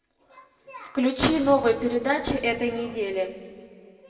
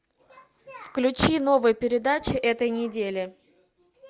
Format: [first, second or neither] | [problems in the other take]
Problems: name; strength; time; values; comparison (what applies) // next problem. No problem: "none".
second | room echo; dies away in 1.6 s